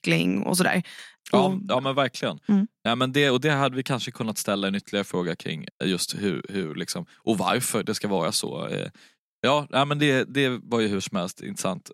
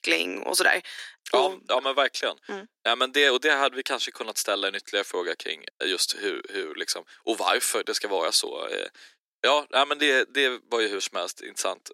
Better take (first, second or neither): first